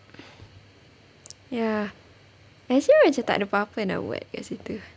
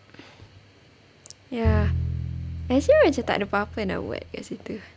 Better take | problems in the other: first | background sound (Bowed string instrument); 2 dB below the speech

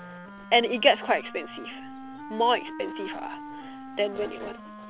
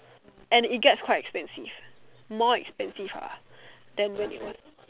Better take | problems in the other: second | background sound (Wind instrument, woodwind instrument); 13 dB below the speech

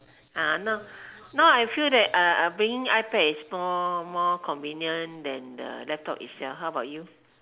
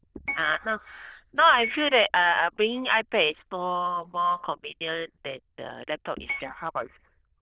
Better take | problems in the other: first | noise reduction (neural diffusion model UNIVERSE++)

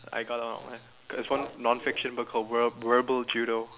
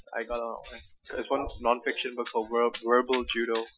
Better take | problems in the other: first | noise reduction (classical method Wiener filter)

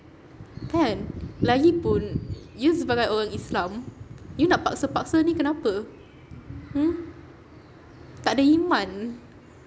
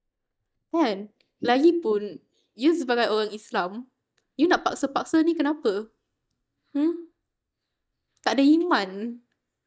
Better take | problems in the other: first | noise reduction (neural mask model DeepFilterNet 3)

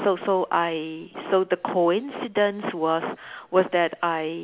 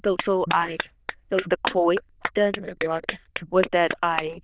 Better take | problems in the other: first | noise reduction (neural diffusion model UNIVERSE++)

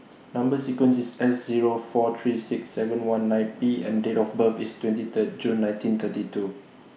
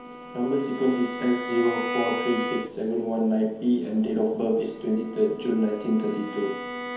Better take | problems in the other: first | background sound (Bowed string instrument); 9 dB below the speech // room echo; dies away in 1.2 s

